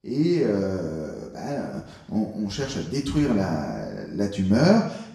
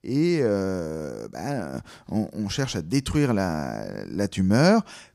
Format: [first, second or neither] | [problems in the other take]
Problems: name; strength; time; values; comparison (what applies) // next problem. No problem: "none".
second | room echo; noticeable; dies away in 0.8 s // off-mic speech; far